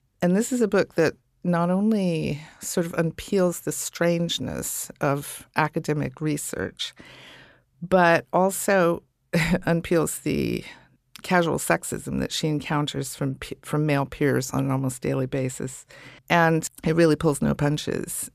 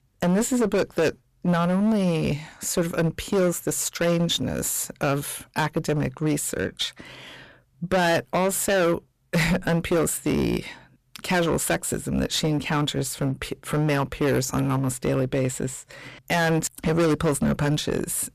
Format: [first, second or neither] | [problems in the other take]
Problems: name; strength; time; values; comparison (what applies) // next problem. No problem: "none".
first | distortion; heavy; 12% of the sound clipped